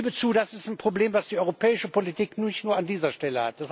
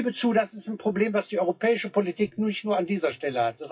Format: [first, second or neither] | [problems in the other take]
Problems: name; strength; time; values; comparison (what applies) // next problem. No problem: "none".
first | noise reduction (classical method WPE with log-MMSE)